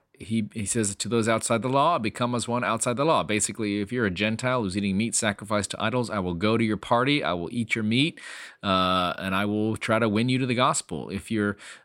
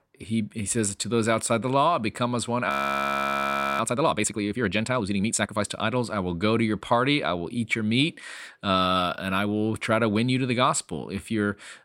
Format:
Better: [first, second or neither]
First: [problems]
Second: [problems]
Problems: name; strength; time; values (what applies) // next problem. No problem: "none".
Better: first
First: none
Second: audio freezing; at 2.5 s for 1 s